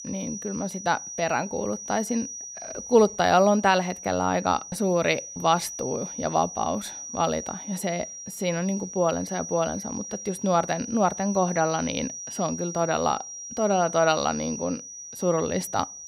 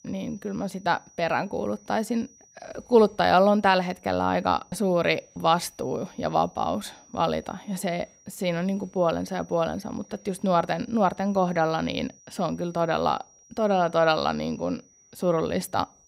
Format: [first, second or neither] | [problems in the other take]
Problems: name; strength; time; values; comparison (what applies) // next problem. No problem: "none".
second | high-pitched whine; loud; throughout; 6 kHz, 10 dB below the speech; faint in the second